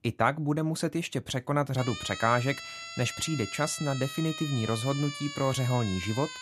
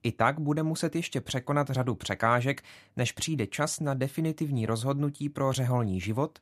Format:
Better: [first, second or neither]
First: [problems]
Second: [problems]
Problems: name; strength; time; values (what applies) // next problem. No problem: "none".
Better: second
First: siren; noticeable; from 2 s on; peak 7 dB below the speech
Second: none